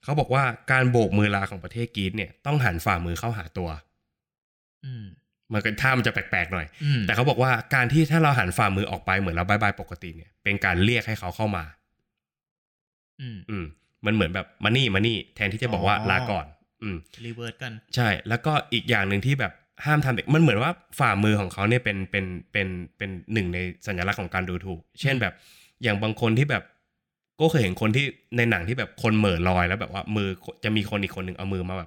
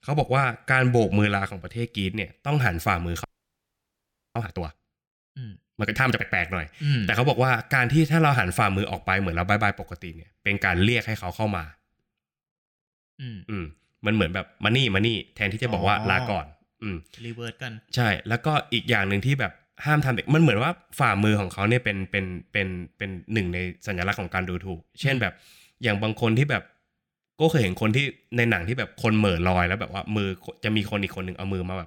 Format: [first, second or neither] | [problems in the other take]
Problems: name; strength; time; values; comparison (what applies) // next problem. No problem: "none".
first | audio freezing; at 3 s for 1 s